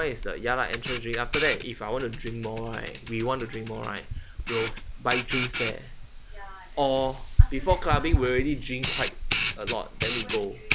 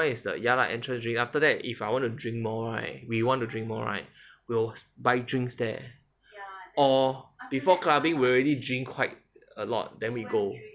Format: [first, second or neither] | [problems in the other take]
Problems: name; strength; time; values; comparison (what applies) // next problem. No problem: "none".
second | background sound (Camera); 1 dB above the speech